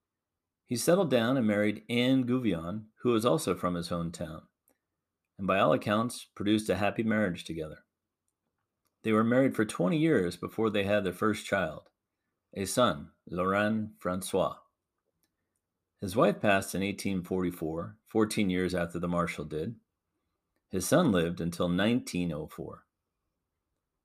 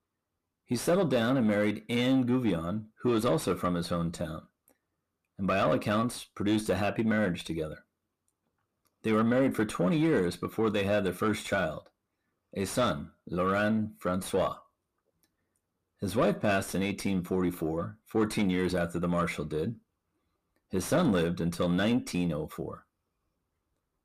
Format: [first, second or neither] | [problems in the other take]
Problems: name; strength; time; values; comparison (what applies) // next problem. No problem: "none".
first | distortion; slight; 10 dB below the speech